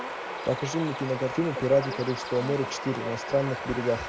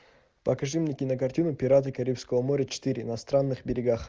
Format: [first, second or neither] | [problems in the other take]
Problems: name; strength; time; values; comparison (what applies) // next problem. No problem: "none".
second | background sound (Bird vocalization, bird call, bird song); 7 dB below the speech